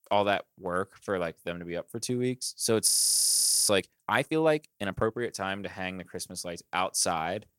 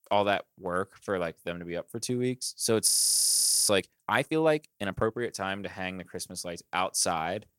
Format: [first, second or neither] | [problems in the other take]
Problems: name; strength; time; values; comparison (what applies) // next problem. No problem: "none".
neither | audio freezing; at 3 s for 1 s; the same in both